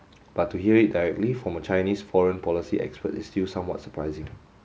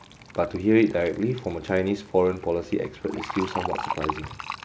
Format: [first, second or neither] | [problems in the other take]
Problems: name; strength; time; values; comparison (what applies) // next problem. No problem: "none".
first | background sound (Fill (with liquid)); 11 dB below the speech